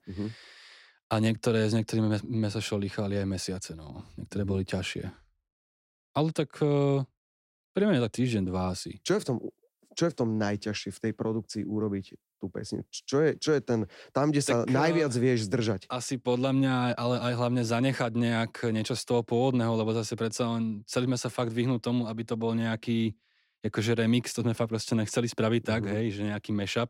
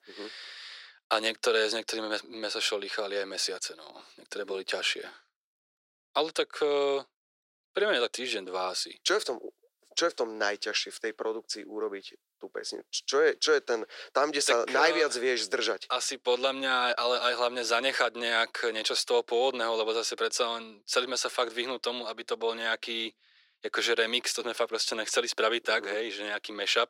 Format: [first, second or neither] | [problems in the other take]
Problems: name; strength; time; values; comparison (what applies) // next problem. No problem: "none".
first | thin; very; fading below 450 Hz